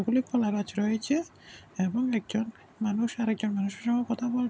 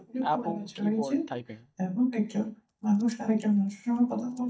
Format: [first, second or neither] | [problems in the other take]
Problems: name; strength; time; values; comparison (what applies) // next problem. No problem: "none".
first | noise reduction (neural mask model DeepFilterNet 3)